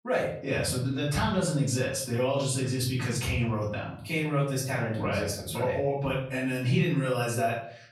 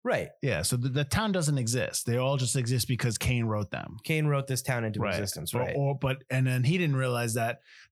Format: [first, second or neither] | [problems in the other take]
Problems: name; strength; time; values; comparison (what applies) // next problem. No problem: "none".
second | off-mic speech; far // room echo; noticeable; dies away in 0.5 s